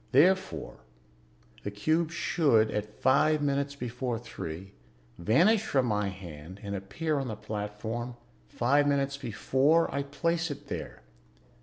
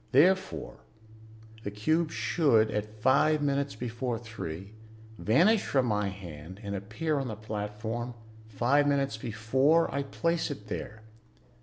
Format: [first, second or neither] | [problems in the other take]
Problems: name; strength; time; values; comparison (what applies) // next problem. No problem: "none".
first | background sound (Organ); 19 dB below the speech